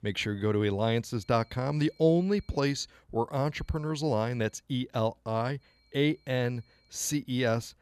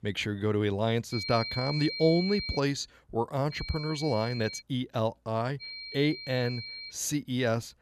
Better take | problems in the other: first | high-pitched whine; loud; from 1 to 2.5 s, from 3.5 to 4.5 s and from 5.5 to 7 s; 4 kHz, 7 dB below the speech; faint in the first

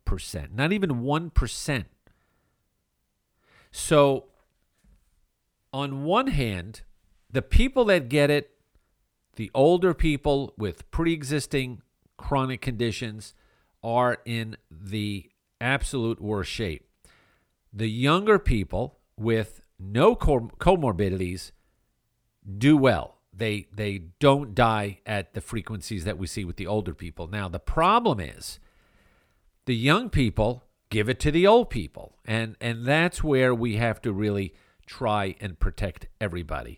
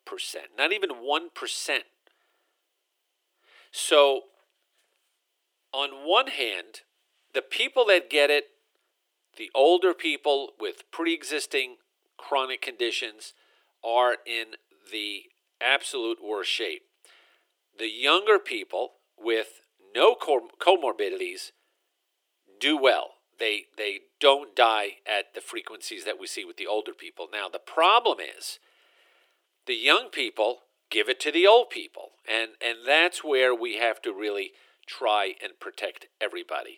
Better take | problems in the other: first | thin; very; fading below 350 Hz

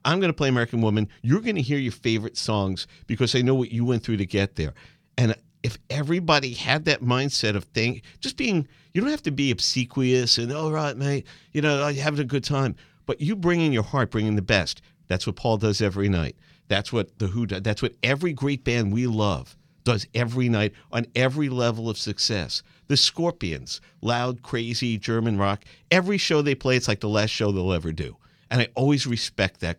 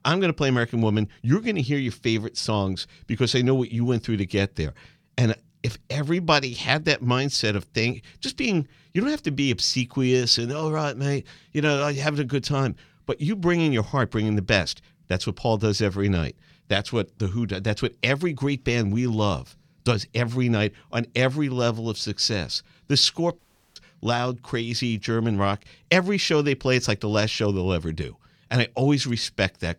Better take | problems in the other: first | audio cutting out; at 23 s

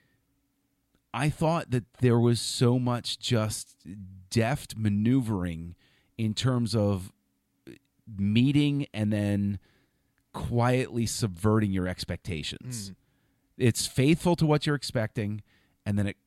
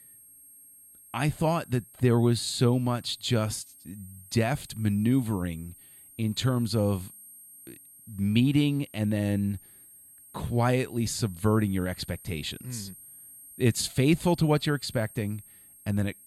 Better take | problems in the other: first | high-pitched whine; faint; throughout; 8.5 kHz, 20 dB below the speech

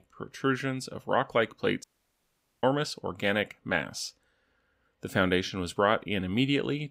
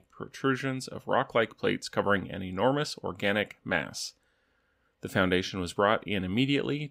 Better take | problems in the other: second | audio cutting out; at 2 s for 1 s

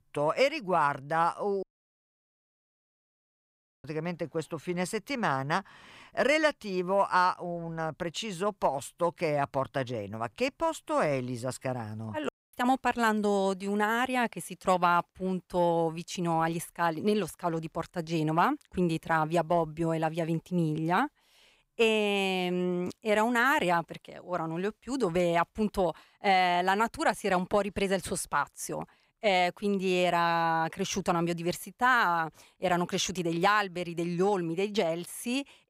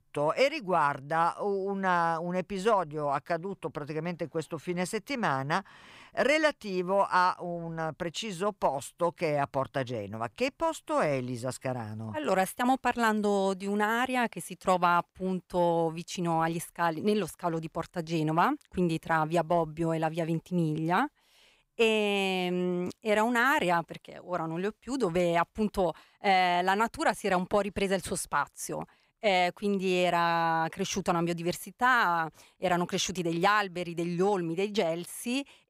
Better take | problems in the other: second | audio cutting out; at 1.5 s for 2 s and at 12 s

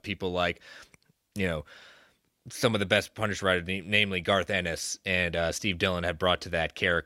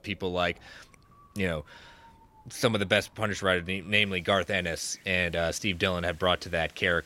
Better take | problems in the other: first | wind in the background; faint; throughout; 30 dB below the speech

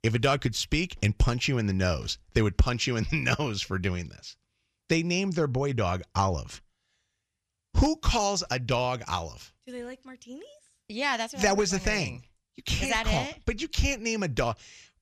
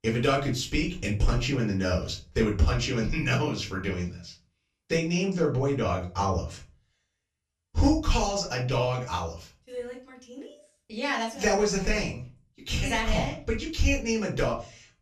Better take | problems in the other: first | room echo; slight; dies away in 0.3 s // off-mic speech; far

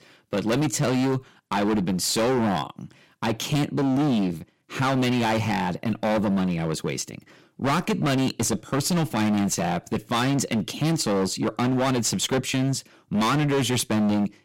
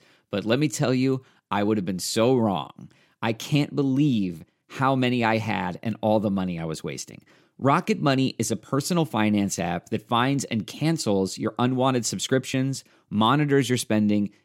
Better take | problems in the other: second | distortion; heavy; 23% of the sound clipped

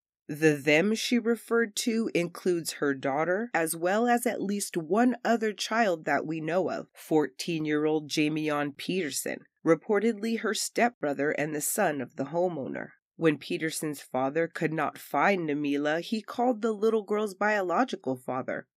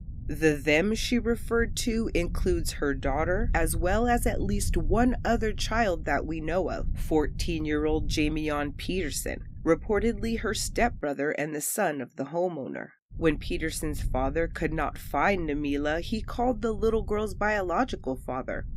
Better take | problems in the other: first | low rumble; faint; until 11 s and from 13 s on; 25 dB below the speech

